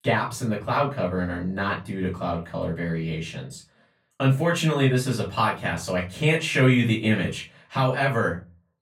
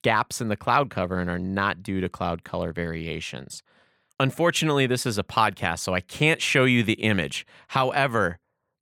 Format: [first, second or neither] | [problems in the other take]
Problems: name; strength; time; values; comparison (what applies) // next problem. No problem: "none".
second | off-mic speech; far // room echo; slight; dies away in 0.3 s